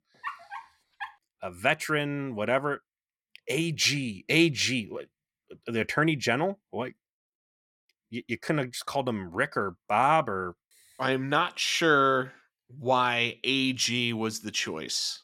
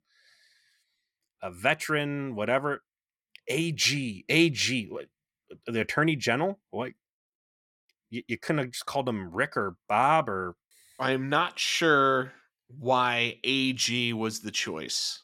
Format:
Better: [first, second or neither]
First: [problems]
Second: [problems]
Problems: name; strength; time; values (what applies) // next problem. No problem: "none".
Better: second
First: dog barking; faint; at the start; peak 10 dB below the speech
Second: none